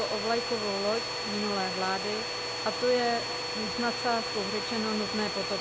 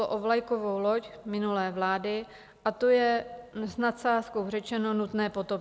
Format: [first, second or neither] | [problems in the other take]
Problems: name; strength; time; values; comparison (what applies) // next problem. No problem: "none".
second | background sound (Domestic sounds, home sounds); 2 dB below the speech